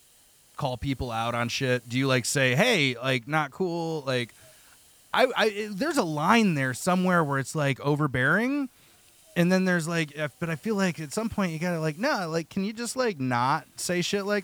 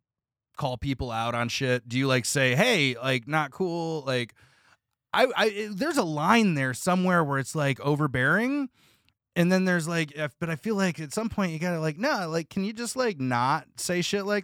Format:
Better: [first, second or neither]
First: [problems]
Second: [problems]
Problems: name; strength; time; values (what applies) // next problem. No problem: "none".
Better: second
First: hiss; faint; throughout; 30 dB below the speech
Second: none